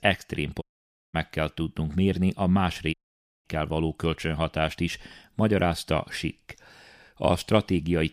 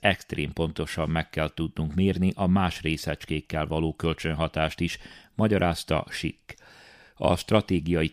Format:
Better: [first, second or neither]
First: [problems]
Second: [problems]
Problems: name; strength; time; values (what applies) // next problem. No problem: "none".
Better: second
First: audio cutting out; at 0.5 s for 0.5 s and at 3 s for 0.5 s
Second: none